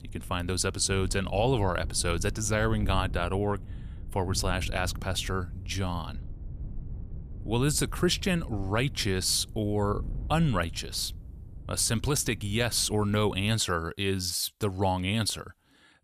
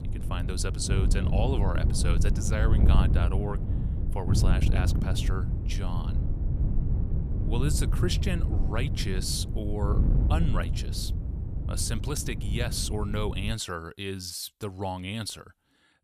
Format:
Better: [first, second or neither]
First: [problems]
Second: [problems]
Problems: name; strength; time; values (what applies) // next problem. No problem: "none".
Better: first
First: wind noise on the microphone; occasional gusts; until 14 s; 25 dB below the speech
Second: wind noise on the microphone; heavy; until 14 s; 7 dB below the speech